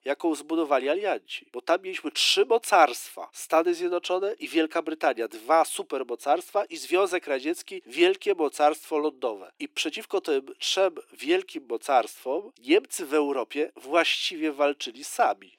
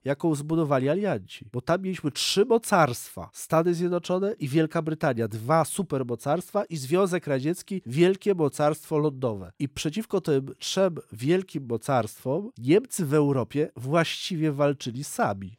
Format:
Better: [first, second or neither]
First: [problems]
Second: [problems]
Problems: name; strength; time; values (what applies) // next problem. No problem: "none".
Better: second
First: thin; somewhat; fading below 300 Hz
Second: none